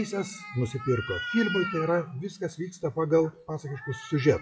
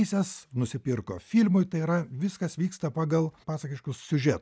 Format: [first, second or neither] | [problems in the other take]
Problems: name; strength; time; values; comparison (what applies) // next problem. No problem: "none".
second | noise reduction (classical method WPE with log-MMSE)